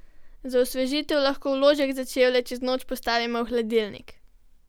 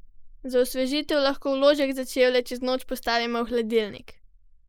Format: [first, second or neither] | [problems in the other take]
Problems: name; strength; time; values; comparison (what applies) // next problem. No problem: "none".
first | noise reduction (neural mask model Resemble Enhance denoiser)